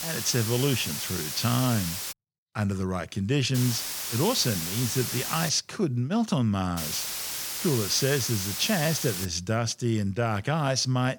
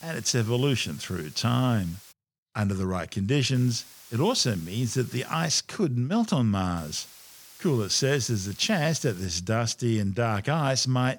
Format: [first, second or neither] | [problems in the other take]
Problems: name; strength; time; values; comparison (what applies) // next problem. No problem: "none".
second | hiss; loud; until 2 s, from 3.5 to 5.5 s and from 7 to 9.5 s; 3 dB below the speech; faint in the second